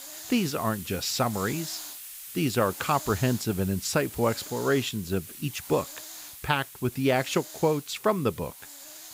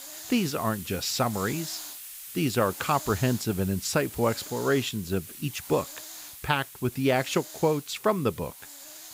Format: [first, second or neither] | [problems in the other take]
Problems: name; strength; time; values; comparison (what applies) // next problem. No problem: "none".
neither | hiss; noticeable; throughout; 10 dB below the speech; the same in both